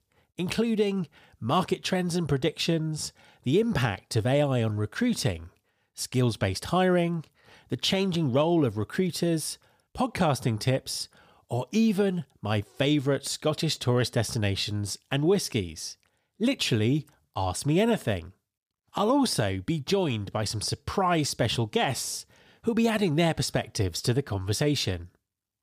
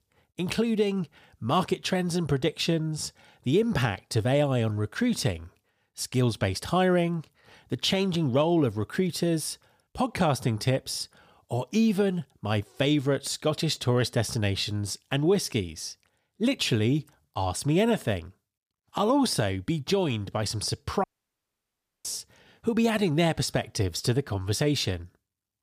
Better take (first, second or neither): first